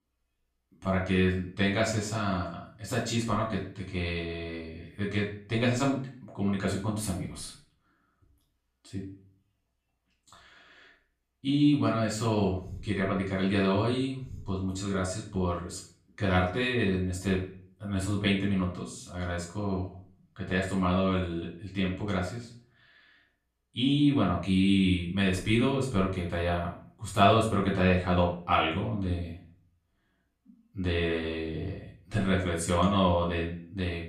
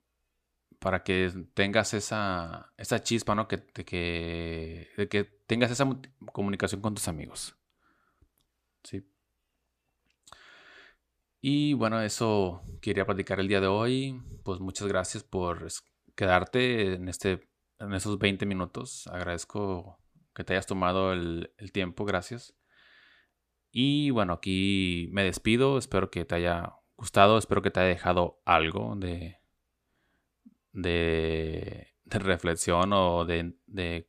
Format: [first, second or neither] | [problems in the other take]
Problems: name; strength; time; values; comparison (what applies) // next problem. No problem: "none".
second | off-mic speech; far // room echo; noticeable; dies away in 0.4 s